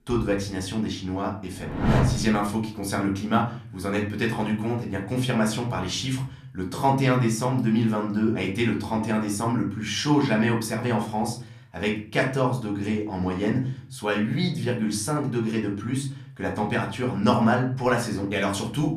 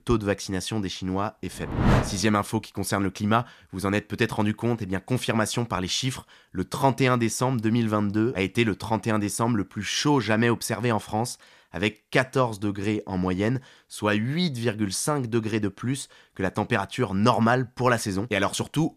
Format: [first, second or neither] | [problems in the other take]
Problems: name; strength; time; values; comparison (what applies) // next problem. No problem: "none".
second | room echo; slight; dies away in 0.5 s // off-mic speech; somewhat distant